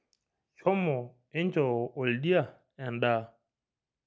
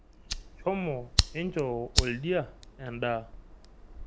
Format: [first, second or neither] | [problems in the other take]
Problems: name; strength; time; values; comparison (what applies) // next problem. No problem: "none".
first | background sound (Fire); as loud as the speech